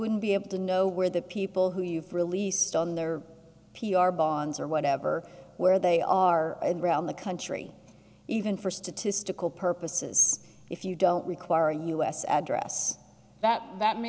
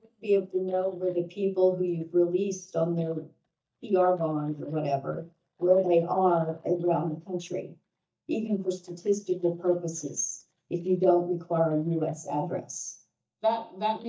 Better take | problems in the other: first | noise reduction (neural mask model DeepFilterNet 3)

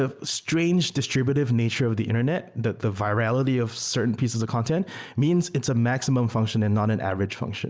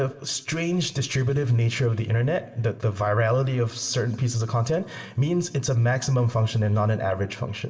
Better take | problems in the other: first | room echo; dies away in 1.8 s

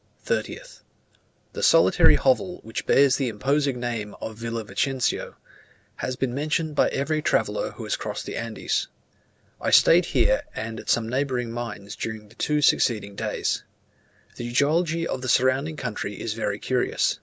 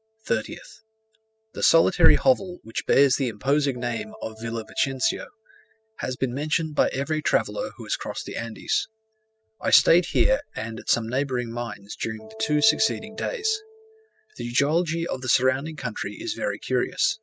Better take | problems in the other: first | noise reduction (classical method spectral subtraction)

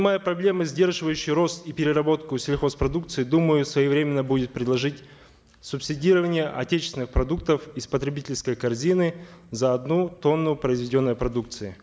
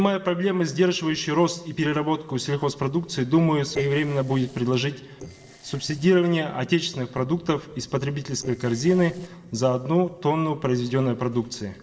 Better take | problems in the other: first | noise reduction (neural separator model SepFormer DNS4)

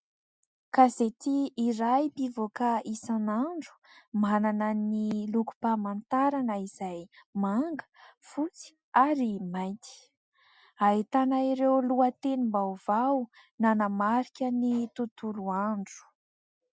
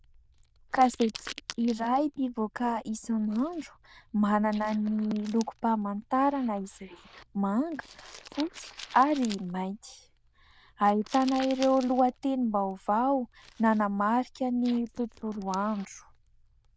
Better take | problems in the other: first | noise reduction (neural diffusion model UNIVERSE++)

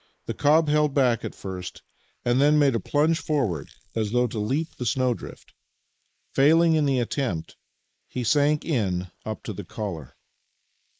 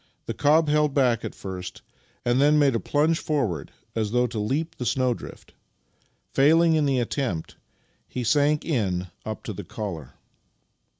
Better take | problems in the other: second | noise reduction (neural mask model Resemble Enhance denoiser)

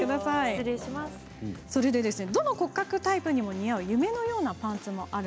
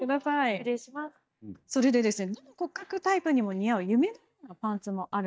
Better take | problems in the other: first | noise reduction (neural mask model DeepFilterNet 3)

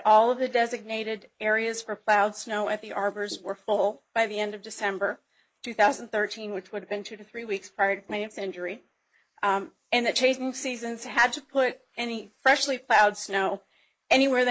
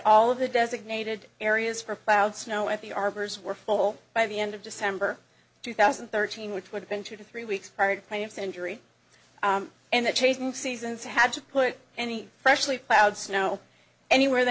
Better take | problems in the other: second | noise reduction (neural mask model Resemble Enhance denoiser)

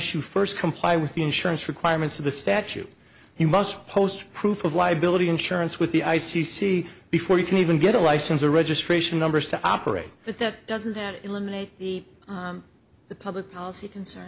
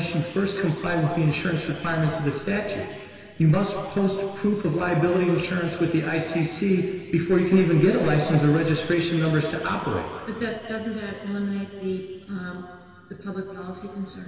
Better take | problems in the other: first | room echo; dies away in 2.5 s

